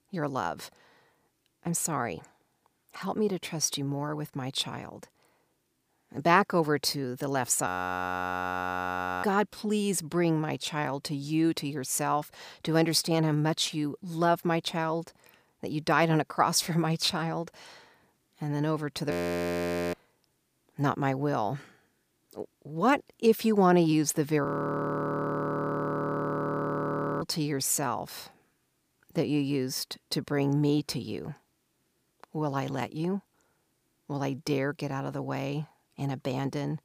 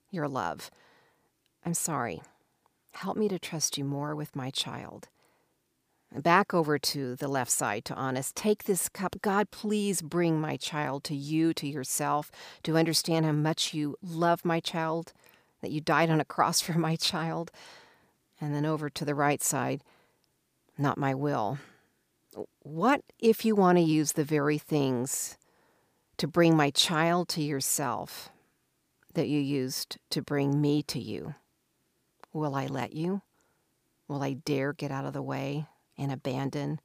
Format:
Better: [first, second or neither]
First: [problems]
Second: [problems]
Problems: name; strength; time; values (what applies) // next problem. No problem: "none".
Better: second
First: audio freezing; at 7.5 s for 1.5 s, at 19 s for 1 s and at 24 s for 3 s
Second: none